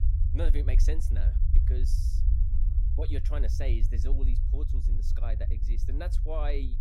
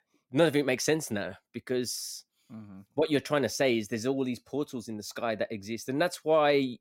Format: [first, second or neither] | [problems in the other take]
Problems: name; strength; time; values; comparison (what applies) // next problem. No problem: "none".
second | low rumble; loud; throughout; 7 dB below the speech